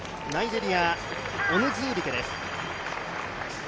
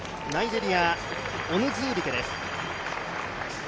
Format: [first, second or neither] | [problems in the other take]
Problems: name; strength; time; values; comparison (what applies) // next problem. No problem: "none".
second | background sound (Crow); 5 dB below the speech